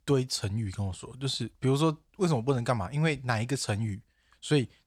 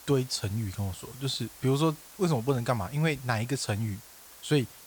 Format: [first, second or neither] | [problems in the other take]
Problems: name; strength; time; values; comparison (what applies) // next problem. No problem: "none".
first | hiss; noticeable; throughout; 20 dB below the speech